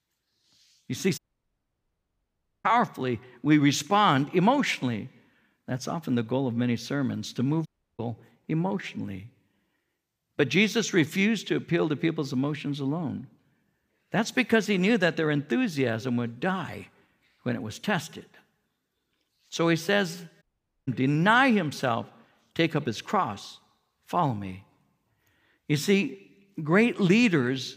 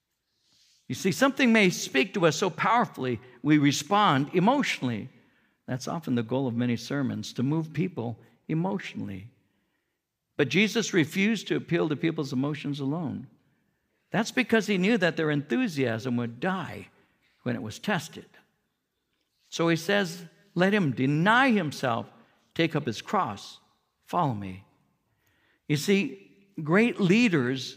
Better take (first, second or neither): second